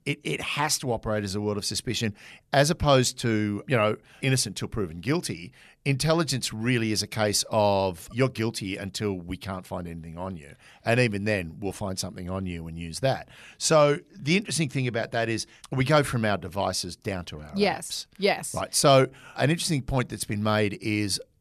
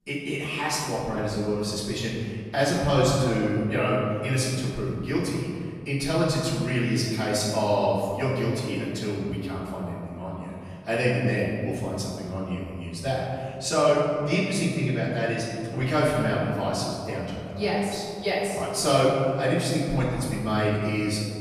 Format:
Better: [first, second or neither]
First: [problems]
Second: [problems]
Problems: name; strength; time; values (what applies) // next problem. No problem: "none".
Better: first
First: none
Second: off-mic speech; far // room echo; strong; dies away in 2.3 s